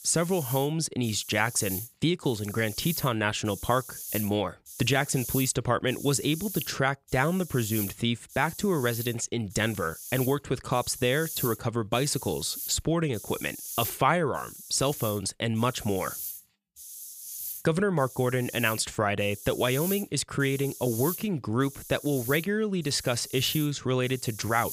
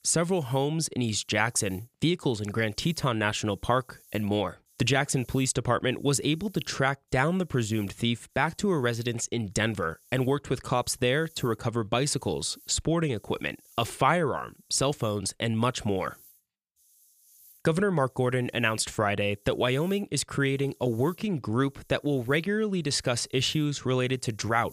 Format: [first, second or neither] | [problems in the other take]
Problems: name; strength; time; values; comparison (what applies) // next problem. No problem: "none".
second | hiss; loud; throughout; 10 dB below the speech; faint in the second